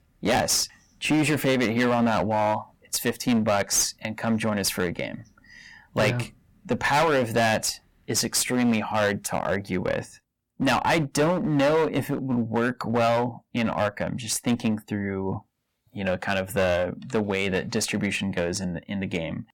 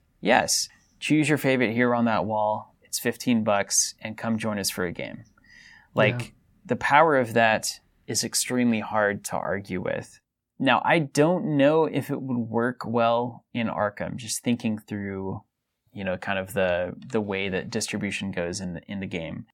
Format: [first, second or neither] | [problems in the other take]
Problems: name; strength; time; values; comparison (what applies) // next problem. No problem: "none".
second | distortion; heavy; 11% of the sound clipped